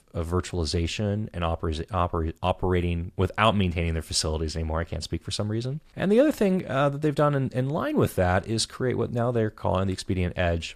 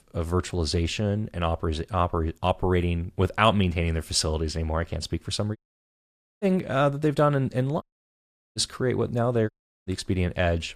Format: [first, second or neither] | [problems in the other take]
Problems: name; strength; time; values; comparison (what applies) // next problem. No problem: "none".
first | audio cutting out; at 5.5 s for 1 s, at 8 s for 0.5 s and at 9.5 s